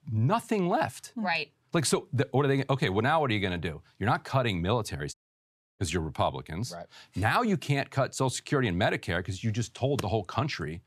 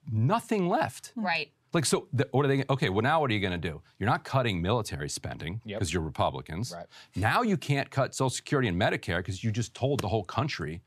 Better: second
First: audio cutting out; at 5 s for 0.5 s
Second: none

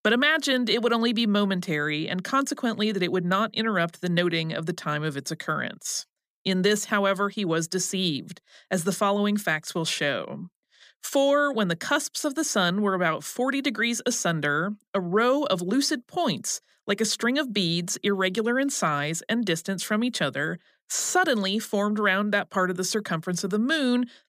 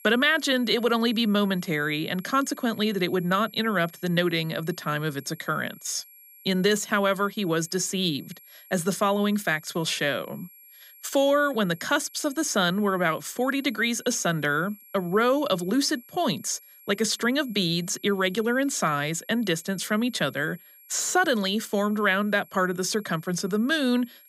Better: first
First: none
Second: high-pitched whine; faint; throughout; 11.5 kHz, 25 dB below the speech

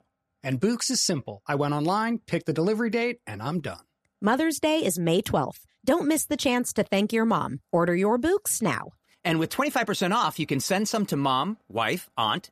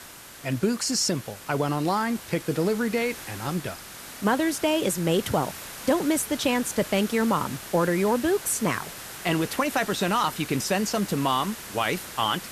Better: first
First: none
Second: hiss; noticeable; throughout; 10 dB below the speech

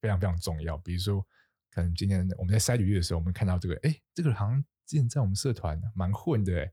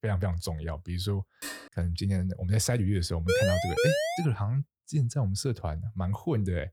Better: first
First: none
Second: clattering dishes; noticeable; at 1.5 s; peak 9 dB below the speech // siren; loud; at 3.5 s; peak 4 dB above the speech

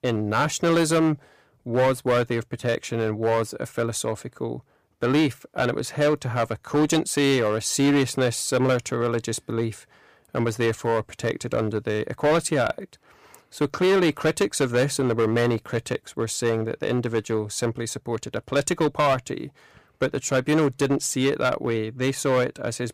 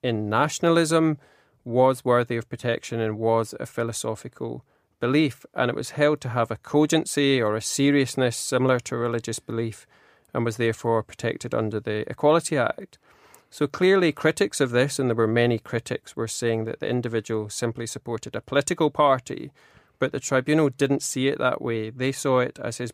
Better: second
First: distortion; slight; 7% of the sound clipped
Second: none

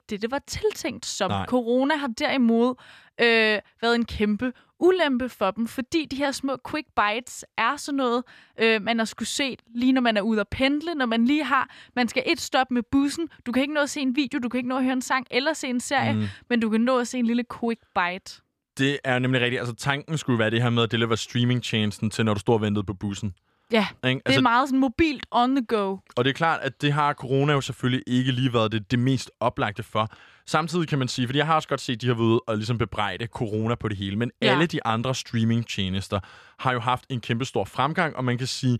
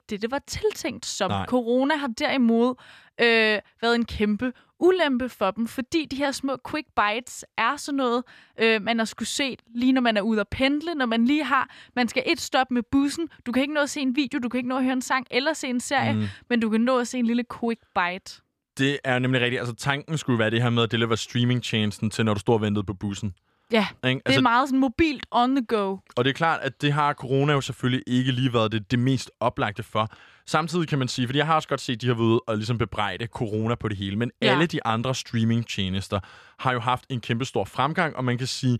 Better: neither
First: none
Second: none

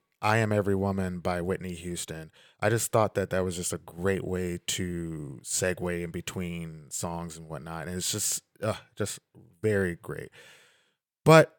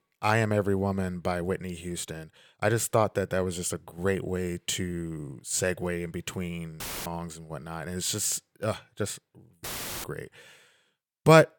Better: first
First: none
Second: audio cutting out; filled with static; at 7 s and at 9.5 s

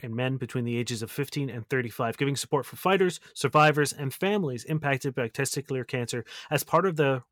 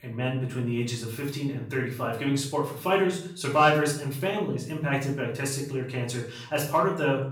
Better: first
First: none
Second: room echo; noticeable; dies away in 0.5 s // off-mic speech; far

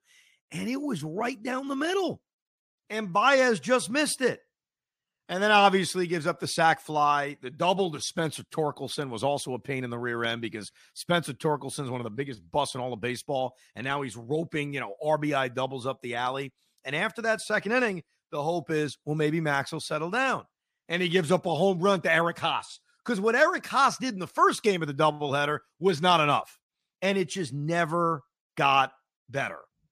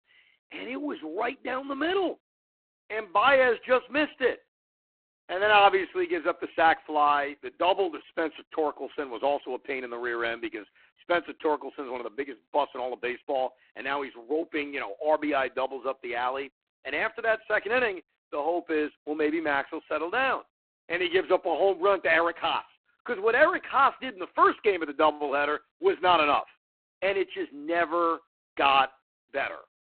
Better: first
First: none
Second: phone-call audio; poor line

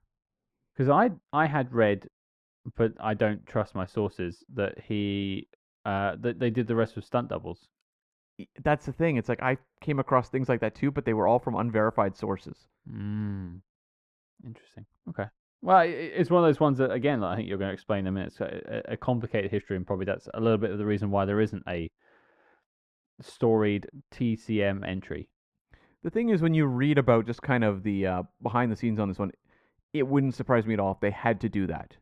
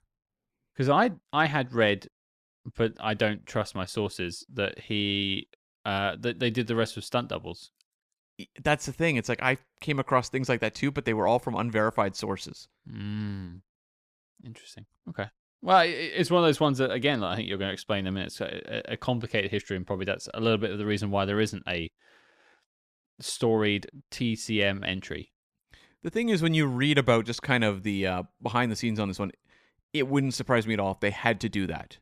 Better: second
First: muffled; very; fading above 2.5 kHz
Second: none

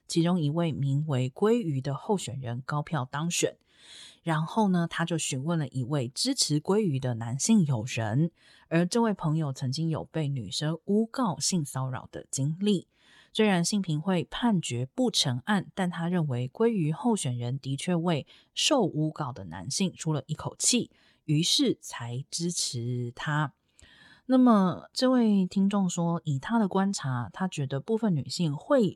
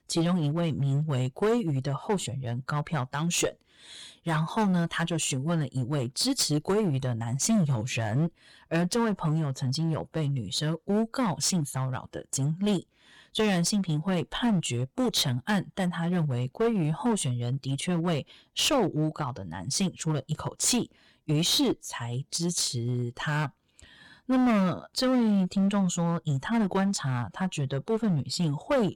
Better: first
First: none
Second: distortion; slight; 10% of the sound clipped

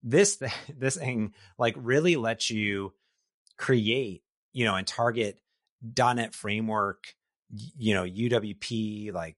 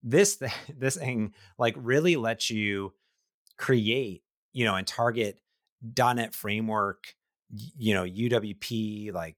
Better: second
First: garbled, watery; slightly; nothing above 11 kHz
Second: none

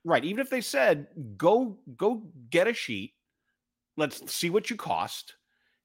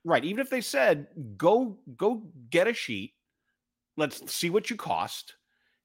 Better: neither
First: none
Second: none

